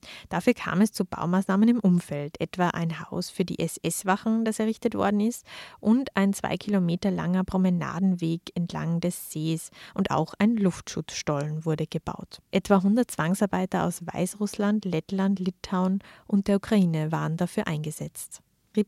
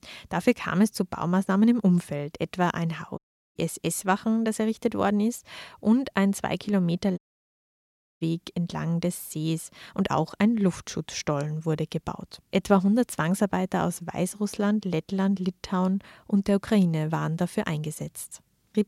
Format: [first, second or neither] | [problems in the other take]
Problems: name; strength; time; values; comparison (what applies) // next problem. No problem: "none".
first | audio cutting out; at 3 s and at 7 s for 1 s